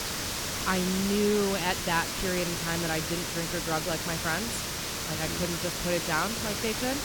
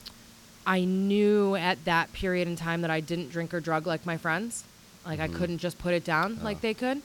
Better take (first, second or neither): second